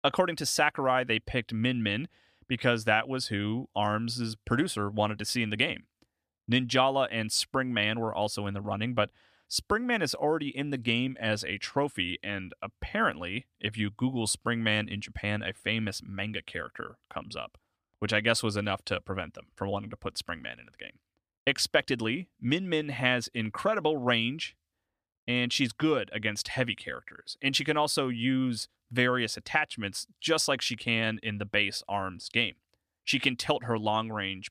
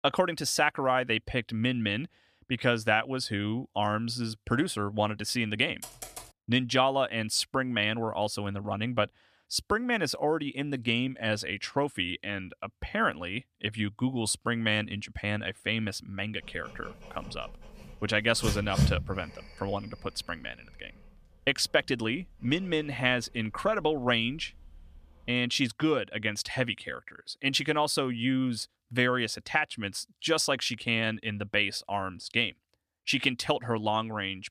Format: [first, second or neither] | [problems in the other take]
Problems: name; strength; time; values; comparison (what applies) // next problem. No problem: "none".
first | keyboard typing; faint; at 6 s; peak 10 dB below the speech // dog barking; loud; at 18 s; peak 2 dB above the speech